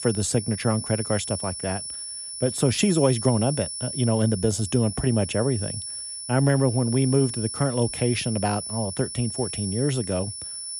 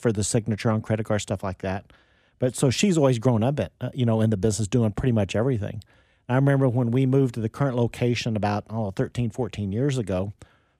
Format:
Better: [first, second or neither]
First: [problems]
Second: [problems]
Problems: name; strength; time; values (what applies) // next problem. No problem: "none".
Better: second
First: high-pitched whine; loud; throughout; 10 kHz, 7 dB below the speech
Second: none